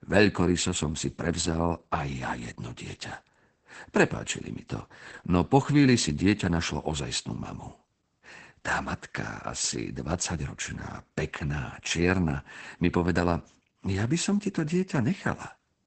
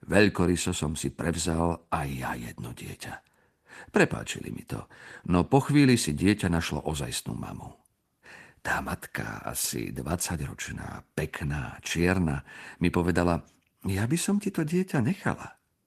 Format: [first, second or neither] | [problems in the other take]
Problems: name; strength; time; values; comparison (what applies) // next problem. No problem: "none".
second | garbled, watery; badly; nothing above 8 kHz; slightly in the second